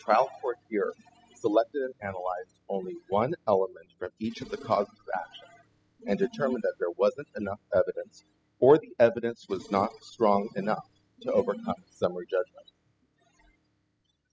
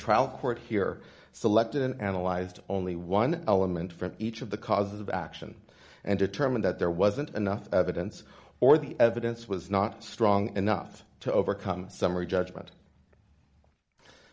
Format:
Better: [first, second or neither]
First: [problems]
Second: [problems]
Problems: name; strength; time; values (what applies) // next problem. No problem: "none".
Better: second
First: noise reduction (classical method spectral subtraction)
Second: none